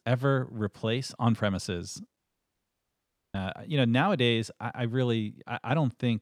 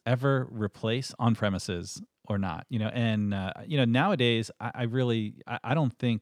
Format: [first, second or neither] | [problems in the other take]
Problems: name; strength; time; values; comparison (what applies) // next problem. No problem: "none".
second | audio cutting out; at 2 s for 1 s